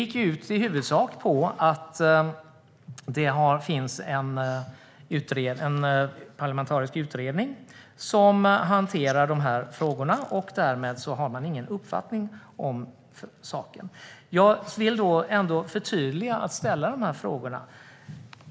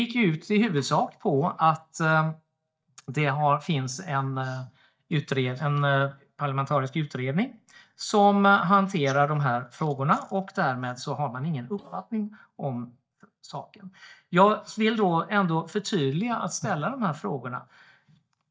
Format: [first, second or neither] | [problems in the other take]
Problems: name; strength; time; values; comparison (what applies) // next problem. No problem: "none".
first | noise reduction (neural mask model DeepFilterNet 3)